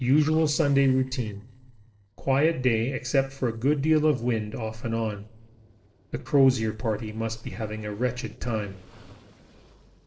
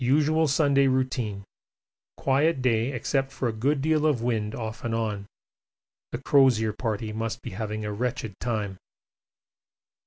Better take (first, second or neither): second